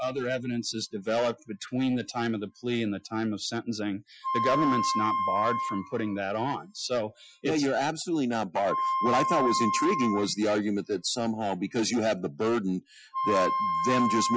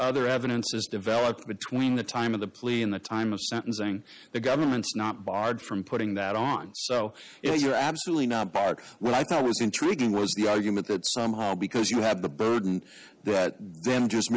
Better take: second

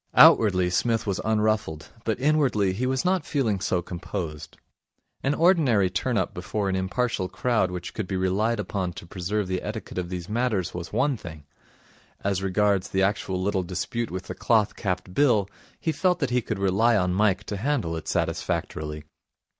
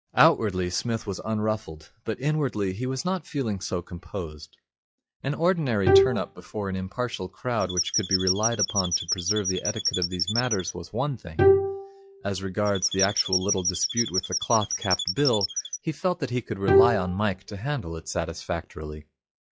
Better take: first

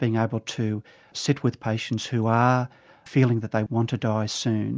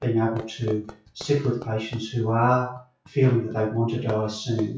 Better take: first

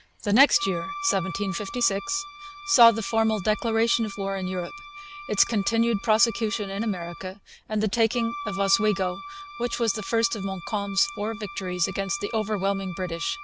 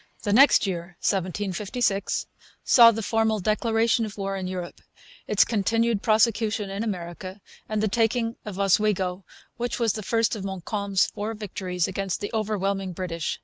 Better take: second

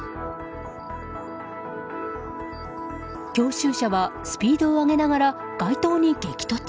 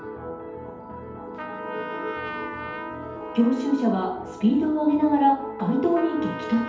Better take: first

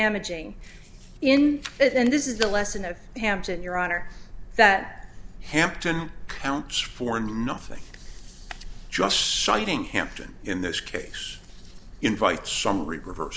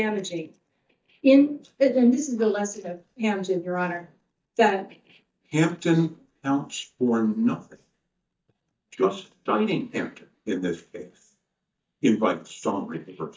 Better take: first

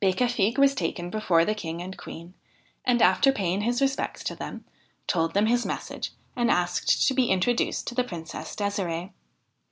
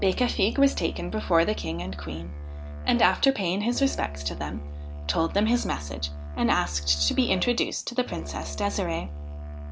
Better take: first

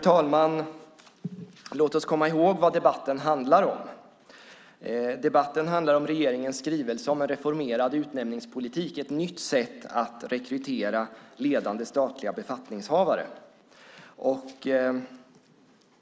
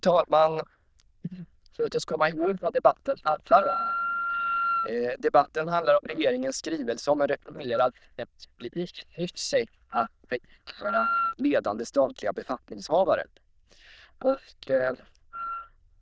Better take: first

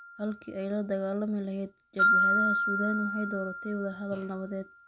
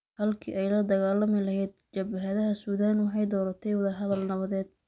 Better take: second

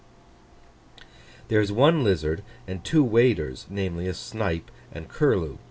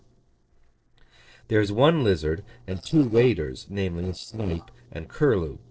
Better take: first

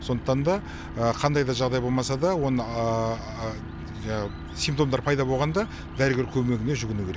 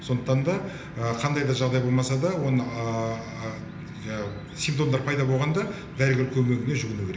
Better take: first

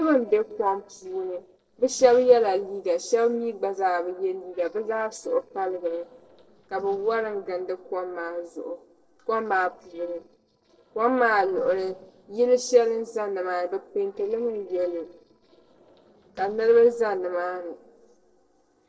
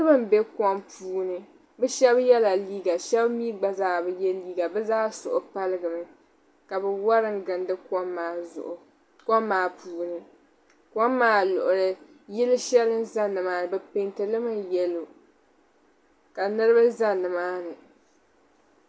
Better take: second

